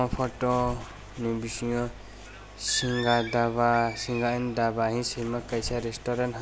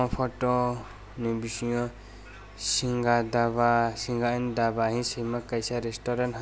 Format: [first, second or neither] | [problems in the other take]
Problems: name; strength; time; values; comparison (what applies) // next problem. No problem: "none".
second | background sound (Bird); 13 dB below the speech